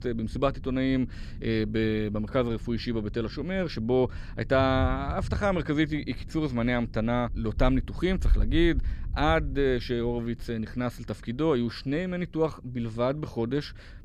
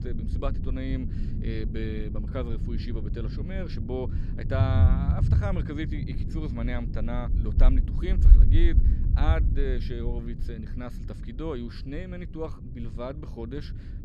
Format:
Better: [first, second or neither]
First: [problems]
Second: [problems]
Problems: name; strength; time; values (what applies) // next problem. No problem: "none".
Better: first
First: low rumble; faint; throughout; 25 dB below the speech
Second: low rumble; loud; throughout; 6 dB below the speech